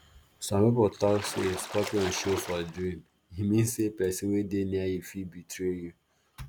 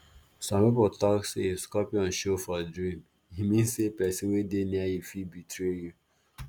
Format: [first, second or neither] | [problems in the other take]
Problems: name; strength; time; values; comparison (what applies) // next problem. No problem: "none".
second | background sound (Splash, splatter); 10 dB below the speech